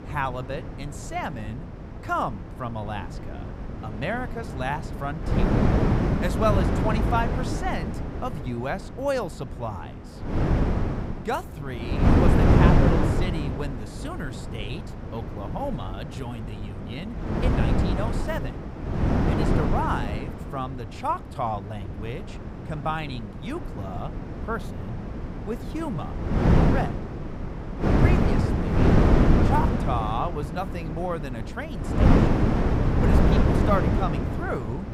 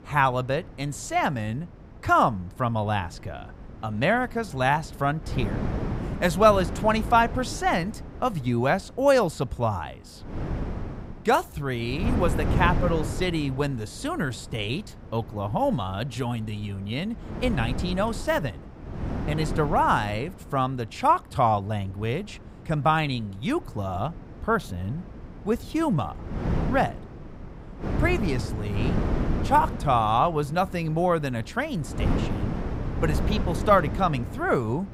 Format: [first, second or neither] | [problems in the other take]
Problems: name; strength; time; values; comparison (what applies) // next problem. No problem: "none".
second | wind noise on the microphone; heavy; 1 dB above the speech; occasional gusts in the second